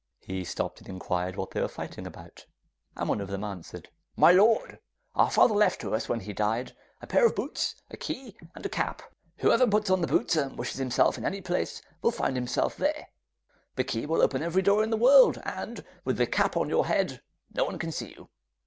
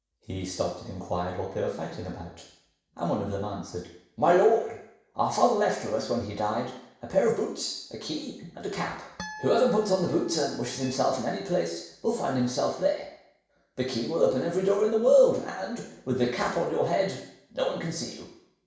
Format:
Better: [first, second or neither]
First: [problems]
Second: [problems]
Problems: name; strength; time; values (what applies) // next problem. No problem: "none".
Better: first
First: none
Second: background sound (Harp); 16 dB below the speech // room echo; dies away in 0.7 s